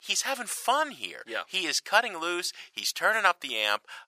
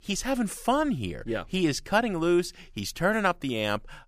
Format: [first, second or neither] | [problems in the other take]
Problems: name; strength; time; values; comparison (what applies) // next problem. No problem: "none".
second | thin; very; fading below 900 Hz